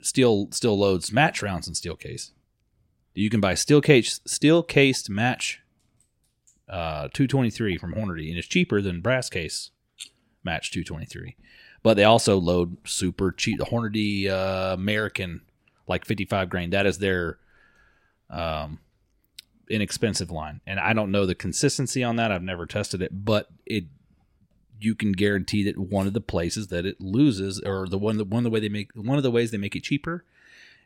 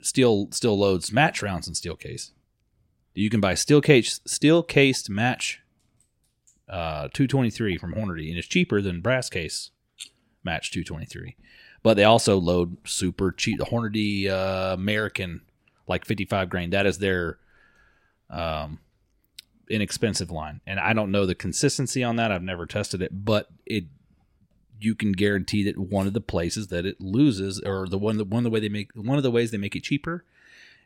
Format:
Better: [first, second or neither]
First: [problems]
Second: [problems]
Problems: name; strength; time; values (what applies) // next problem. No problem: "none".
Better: neither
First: none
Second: none